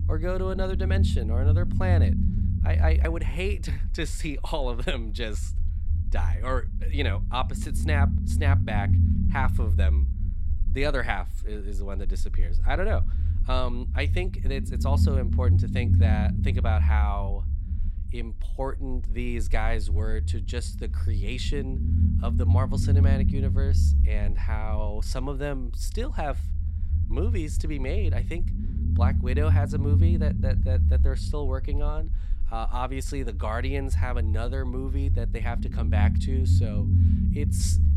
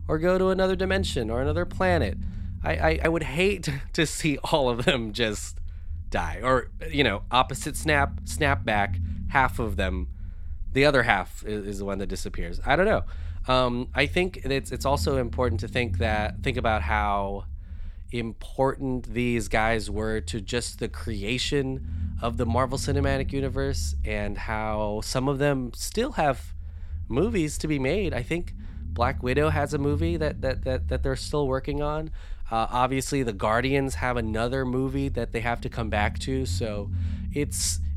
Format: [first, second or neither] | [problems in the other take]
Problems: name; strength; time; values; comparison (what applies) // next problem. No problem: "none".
second | low rumble; loud; throughout; 7 dB below the speech; faint in the second